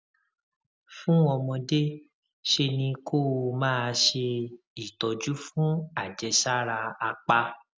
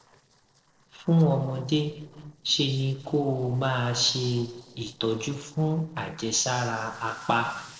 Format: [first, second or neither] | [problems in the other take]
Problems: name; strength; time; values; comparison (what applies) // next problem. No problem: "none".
first | noise reduction (neural separator model SepFormer DNS4)